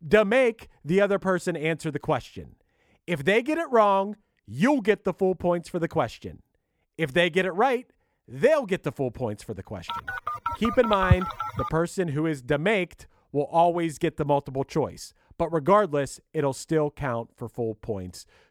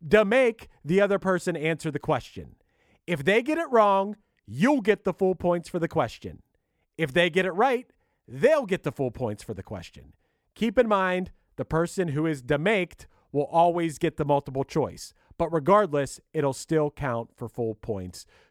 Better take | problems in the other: second | phone ringing; loud; from 10 to 12 s; peak 1 dB above the speech

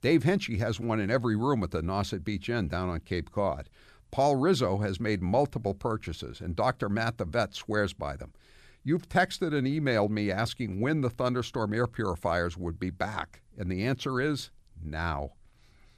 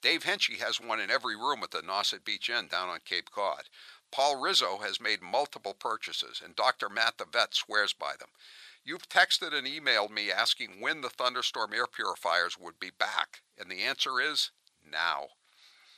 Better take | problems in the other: first | thin; very; fading below 1 kHz

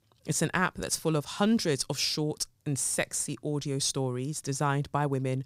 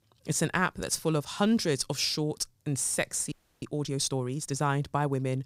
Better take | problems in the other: first | audio freezing; at 3.5 s

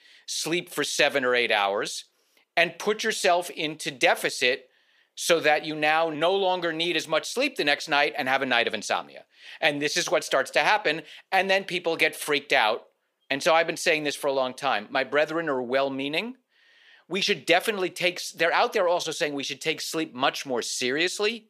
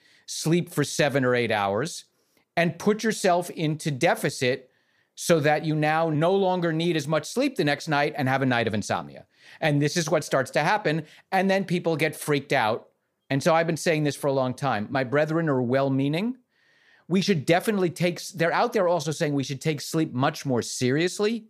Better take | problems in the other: second | thin; somewhat; fading below 400 Hz

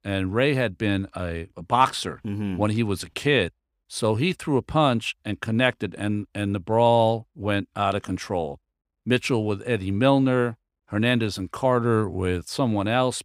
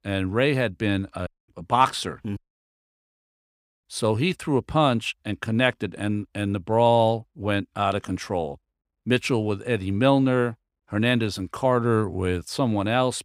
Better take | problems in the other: first | audio cutting out; at 1.5 s and at 2.5 s for 1.5 s

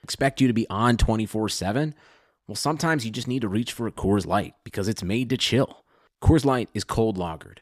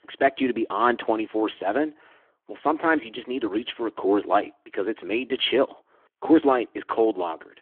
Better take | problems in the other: first | phone-call audio; nothing above 3.5 kHz

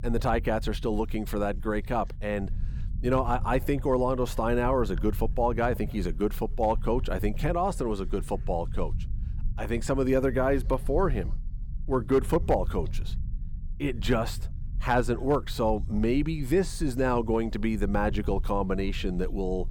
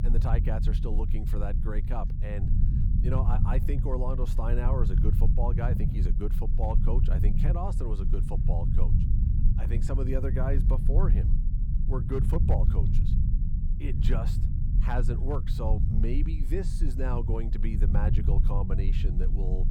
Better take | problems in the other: first | low rumble; loud; throughout; 5 dB below the speech; faint in the first

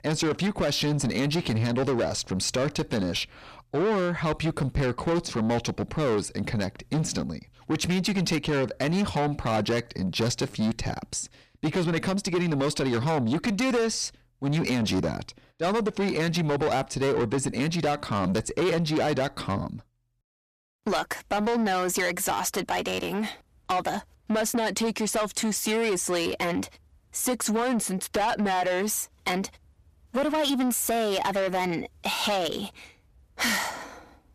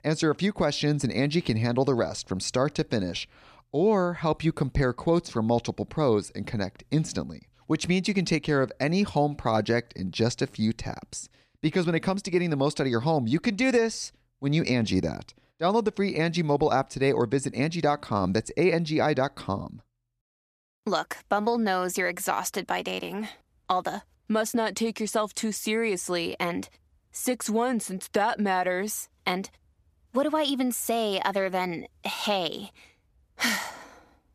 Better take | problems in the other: second | distortion; heavy; 7 dB below the speech

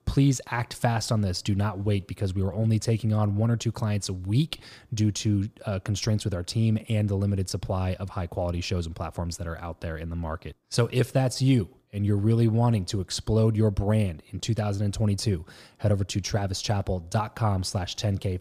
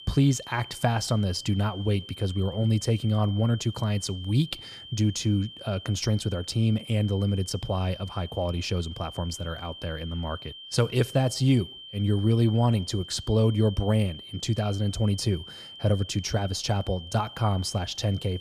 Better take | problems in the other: first | high-pitched whine; noticeable; throughout; 3 kHz, 15 dB below the speech

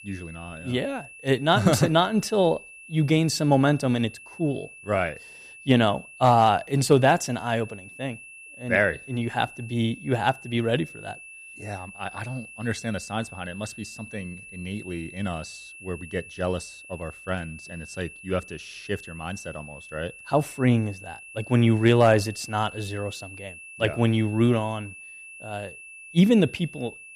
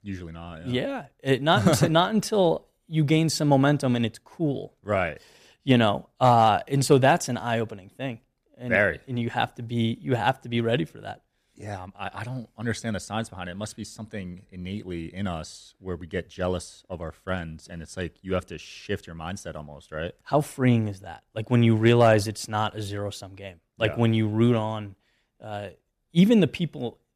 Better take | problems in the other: second | high-pitched whine; noticeable; throughout; 2.5 kHz, 15 dB below the speech

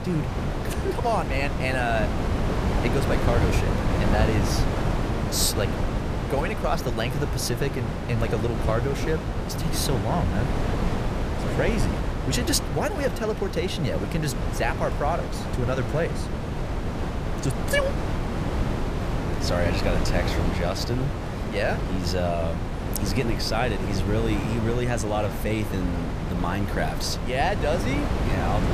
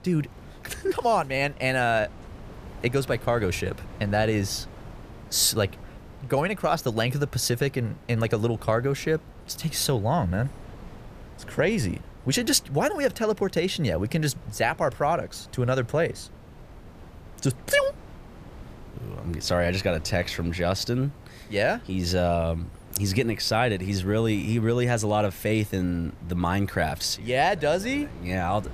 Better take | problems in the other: second | wind noise on the microphone; heavy; 3 dB below the speech; occasional gusts in the second

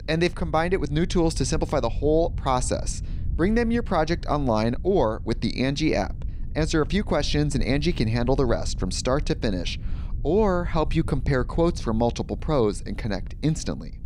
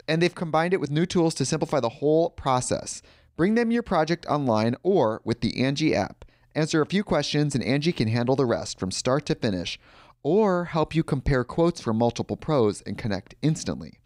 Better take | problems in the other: second | low rumble; faint; throughout; 25 dB below the speech

